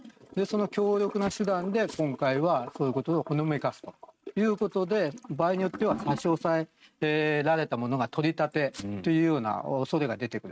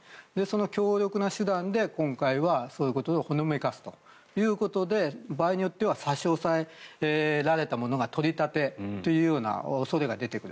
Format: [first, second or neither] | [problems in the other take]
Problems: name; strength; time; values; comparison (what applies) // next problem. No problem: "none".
second | noise reduction (neural mask model RNNoise)